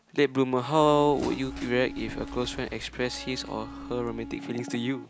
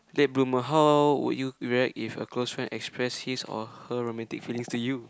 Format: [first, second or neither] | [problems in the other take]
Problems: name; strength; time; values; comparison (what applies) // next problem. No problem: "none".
second | background sound (Electric guitar + Bird); 12 dB below the speech